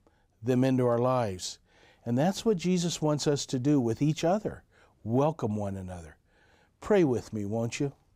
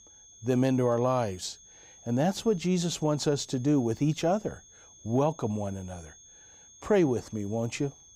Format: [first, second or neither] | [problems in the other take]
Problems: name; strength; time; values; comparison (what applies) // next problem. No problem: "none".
first | high-pitched whine; faint; throughout; 6.5 kHz, 25 dB below the speech